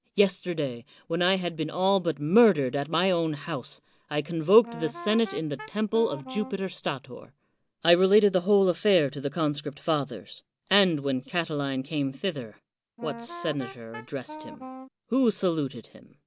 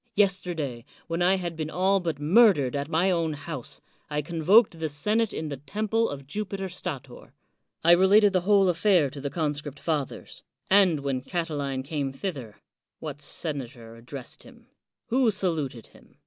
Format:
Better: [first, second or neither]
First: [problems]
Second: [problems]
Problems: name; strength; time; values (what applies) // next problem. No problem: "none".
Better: second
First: background sound (Wind instrument, woodwind instrument); 14 dB below the speech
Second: none